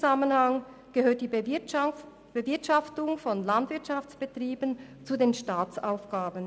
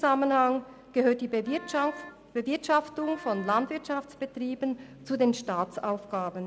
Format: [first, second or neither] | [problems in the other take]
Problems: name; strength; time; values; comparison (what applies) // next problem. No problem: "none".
first | background sound (Wind instrument, woodwind instrument); 19 dB below the speech